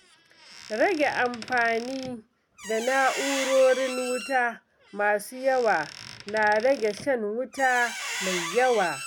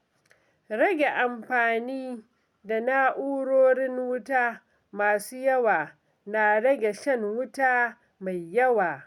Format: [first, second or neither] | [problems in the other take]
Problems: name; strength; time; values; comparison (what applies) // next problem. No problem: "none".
second | background sound (Squeak); 11 dB below the speech